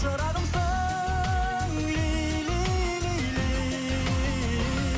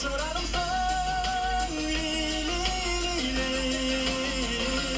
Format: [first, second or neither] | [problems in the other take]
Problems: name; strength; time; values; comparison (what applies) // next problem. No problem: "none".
first | room echo; dies away in 0.2 s